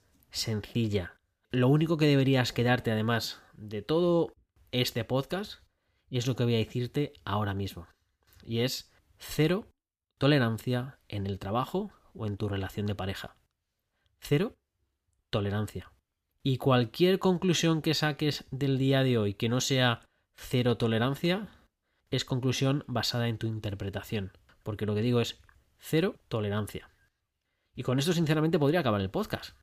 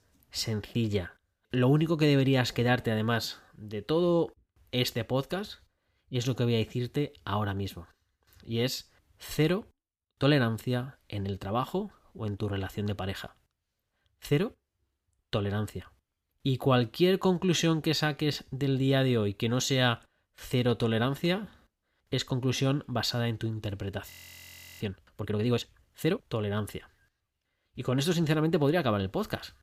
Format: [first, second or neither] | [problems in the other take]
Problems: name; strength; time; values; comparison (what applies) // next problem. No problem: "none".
first | audio freezing; at 24 s for 0.5 s